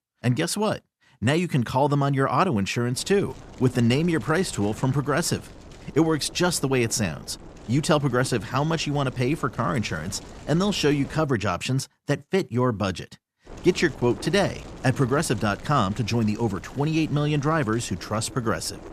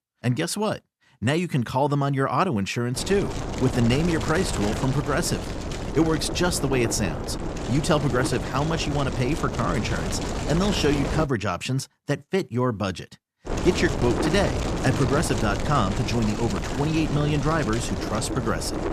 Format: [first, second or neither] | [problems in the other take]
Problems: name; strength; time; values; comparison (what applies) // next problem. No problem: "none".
first | wind noise on the microphone; heavy; from 3 to 11 s and from 13 s on; 5 dB below the speech; occasional gusts in the first